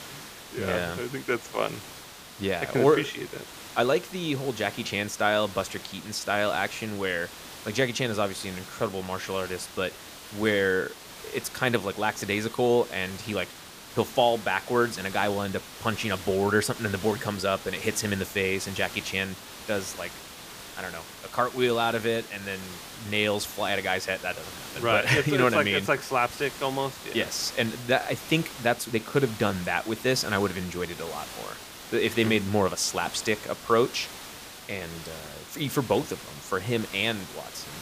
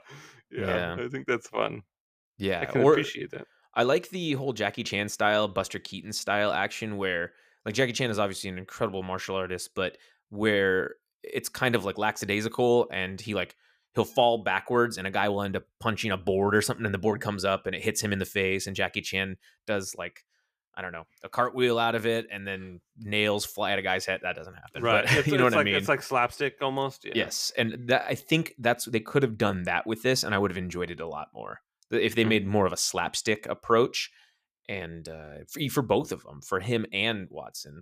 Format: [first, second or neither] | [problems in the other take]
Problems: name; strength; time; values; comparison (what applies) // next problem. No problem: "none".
second | hiss; noticeable; throughout; 15 dB below the speech